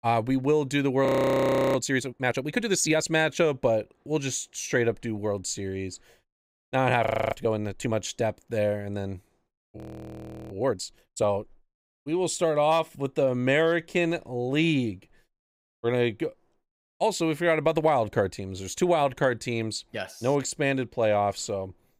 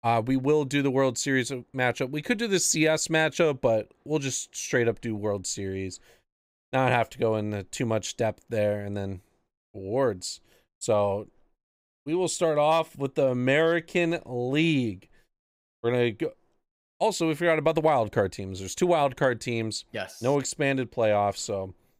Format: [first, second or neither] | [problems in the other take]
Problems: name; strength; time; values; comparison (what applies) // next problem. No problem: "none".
second | audio freezing; at 1 s for 0.5 s, at 7 s and at 10 s for 0.5 s